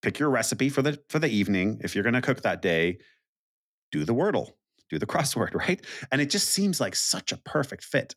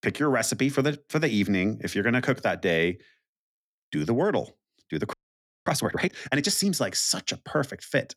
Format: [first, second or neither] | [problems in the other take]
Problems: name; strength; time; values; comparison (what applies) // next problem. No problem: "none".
first | audio freezing; at 5 s for 0.5 s